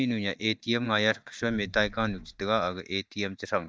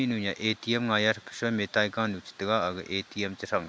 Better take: second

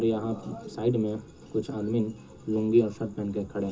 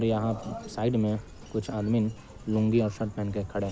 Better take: second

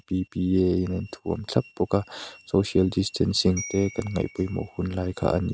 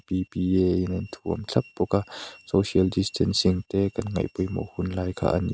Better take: second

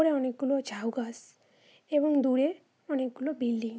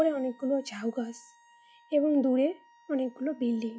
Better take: first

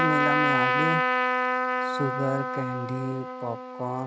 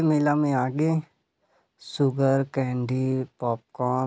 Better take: second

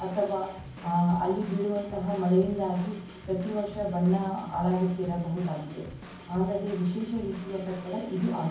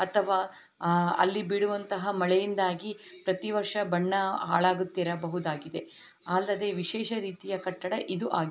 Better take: second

